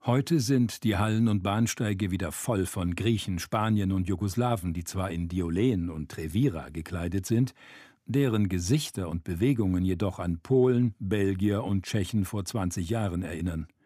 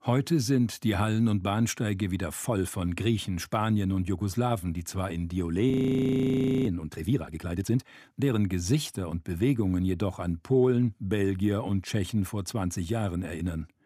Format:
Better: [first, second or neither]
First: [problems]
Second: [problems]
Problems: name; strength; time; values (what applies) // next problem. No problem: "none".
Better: first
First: none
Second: audio freezing; at 5.5 s for 1 s